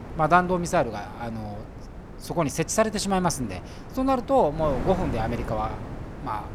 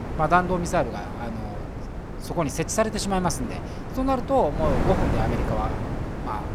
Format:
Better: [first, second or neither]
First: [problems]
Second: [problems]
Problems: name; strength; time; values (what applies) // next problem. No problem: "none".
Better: first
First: wind noise on the microphone; occasional gusts; 15 dB below the speech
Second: wind noise on the microphone; heavy; 9 dB below the speech